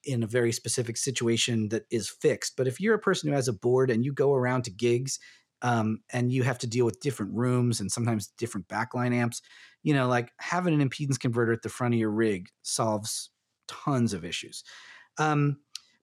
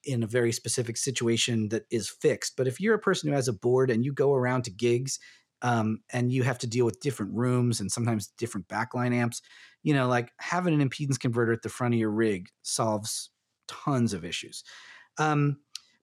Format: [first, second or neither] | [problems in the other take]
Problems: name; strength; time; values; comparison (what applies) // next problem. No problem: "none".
neither | none